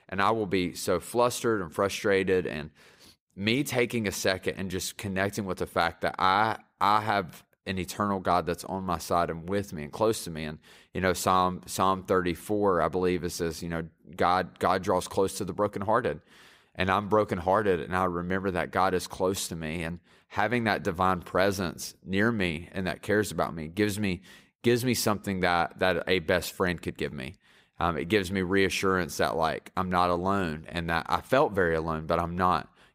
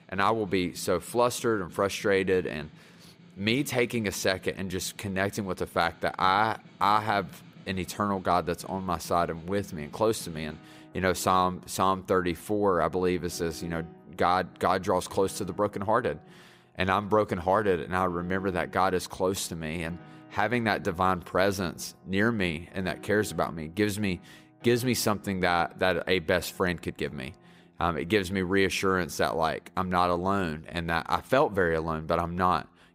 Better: first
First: none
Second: background music; faint; throughout; 25 dB below the speech

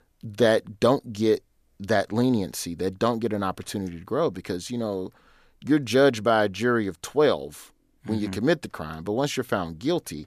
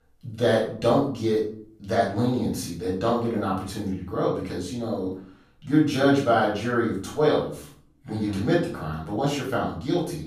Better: first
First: none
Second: room echo; noticeable; dies away in 0.5 s // off-mic speech; far

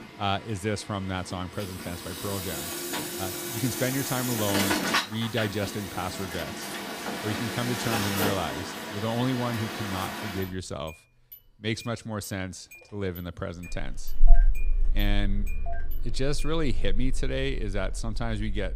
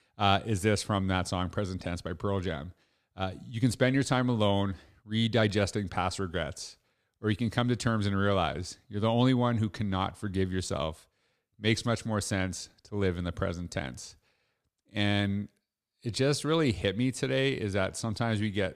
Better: second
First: traffic noise; very loud; throughout; 1 dB above the speech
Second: none

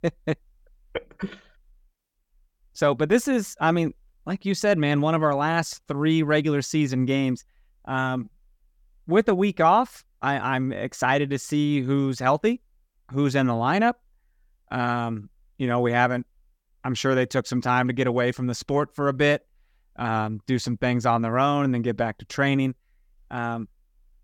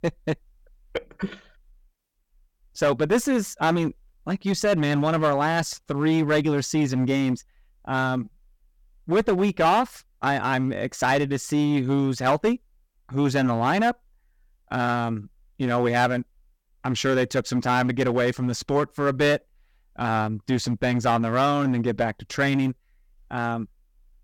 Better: first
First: none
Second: distortion; slight; 6% of the sound clipped

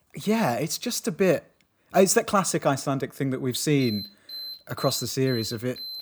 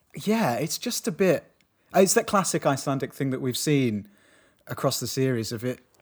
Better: second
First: alarm; noticeable; from 4 s on; peak 10 dB below the speech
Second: none

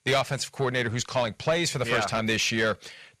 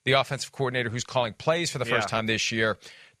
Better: second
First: distortion; slight; 10 dB below the speech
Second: none

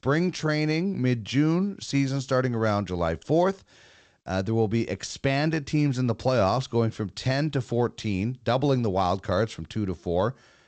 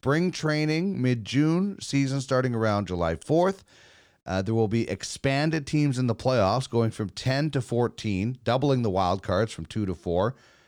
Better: second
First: garbled, watery; slightly; nothing above 8 kHz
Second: none

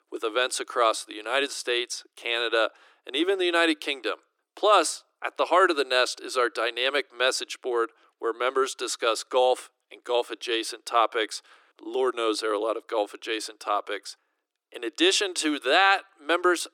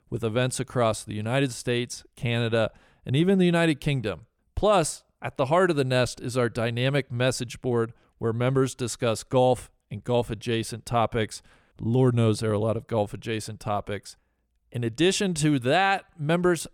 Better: second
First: thin; very; fading below 300 Hz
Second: none

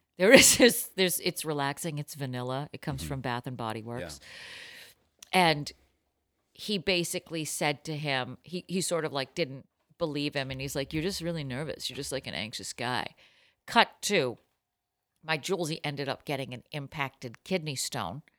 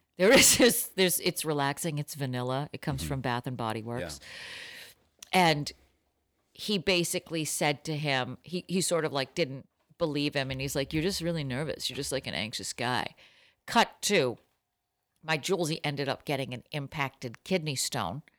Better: first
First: none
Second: distortion; slight; 10 dB below the speech

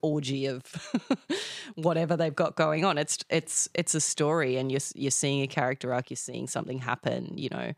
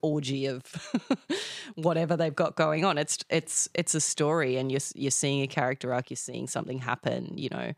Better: neither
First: none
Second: none

